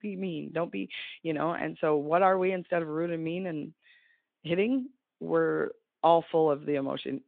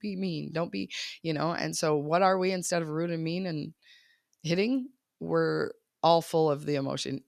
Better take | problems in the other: second | phone-call audio; nothing above 3.5 kHz

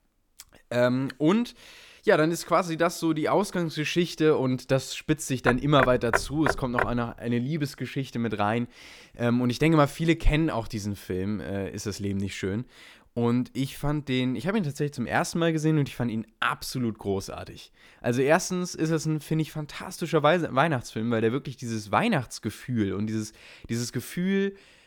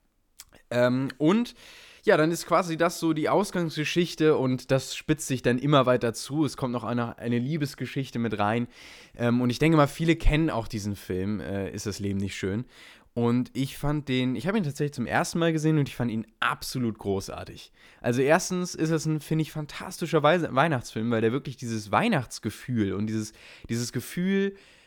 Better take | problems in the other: second | door banging; loud; from 5.5 to 7 s; peak level with the speech

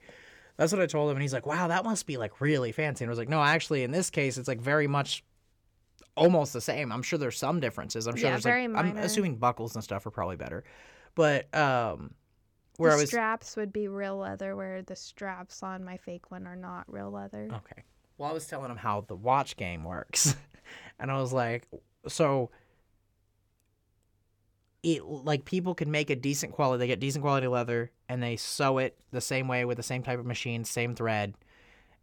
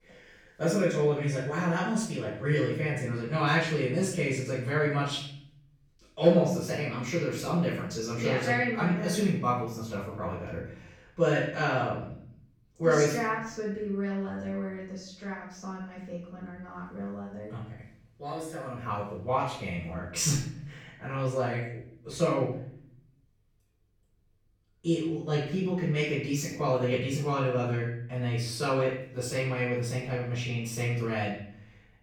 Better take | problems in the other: first | off-mic speech; far // room echo; noticeable; dies away in 0.6 s

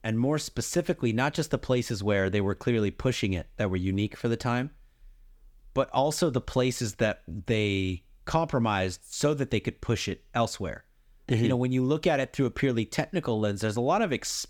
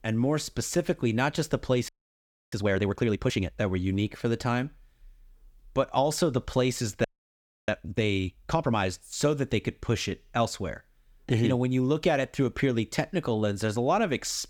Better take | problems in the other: first | audio freezing; at 2 s for 0.5 s and at 7 s for 0.5 s

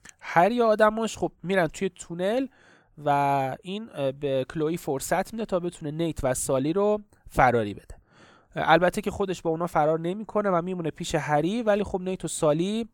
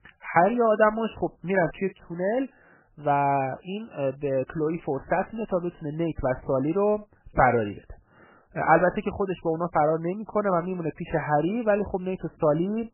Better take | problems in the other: first | garbled, watery; badly; nothing above 3 kHz

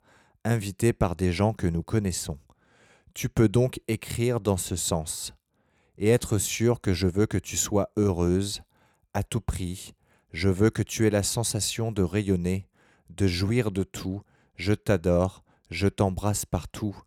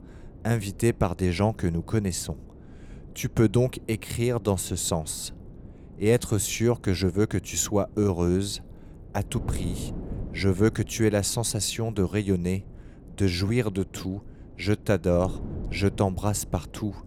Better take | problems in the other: first | wind noise on the microphone; occasional gusts; 20 dB below the speech

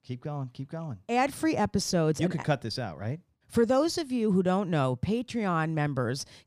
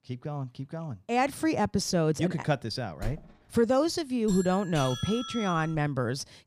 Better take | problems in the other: first | door banging; faint; at 3 s; peak 15 dB below the speech // doorbell; noticeable; from 4.5 to 6 s; peak 8 dB below the speech

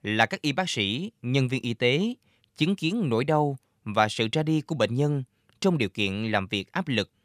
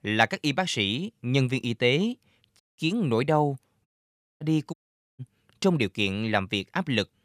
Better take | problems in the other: first | audio cutting out; at 2.5 s, at 4 s for 0.5 s and at 4.5 s

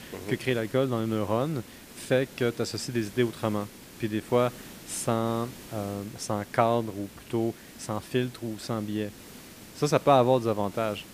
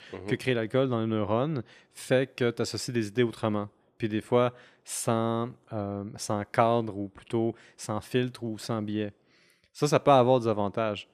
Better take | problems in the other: second | hiss; noticeable; throughout; 15 dB below the speech

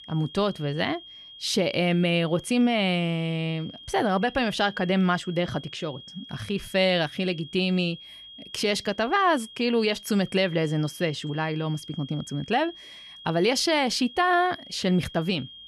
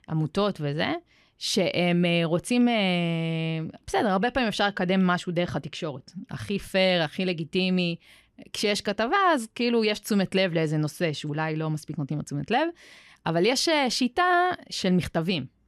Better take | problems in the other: second | high-pitched whine; noticeable; throughout; 3.5 kHz, 15 dB below the speech

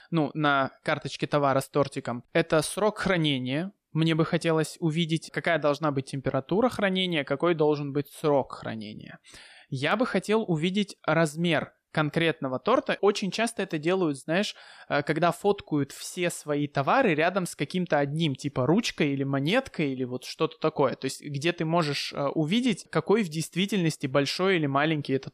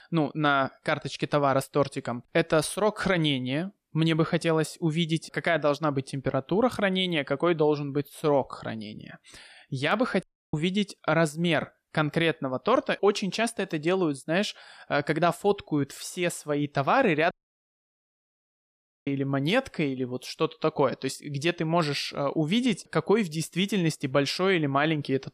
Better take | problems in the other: first | audio cutting out; at 10 s and at 17 s for 2 s

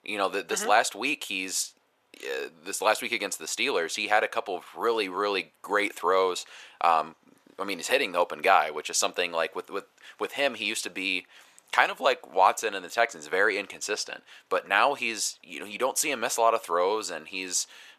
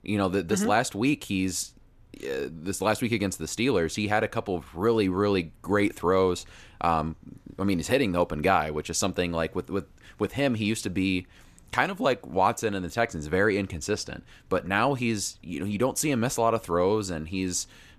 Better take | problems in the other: second | thin; very; fading below 650 Hz

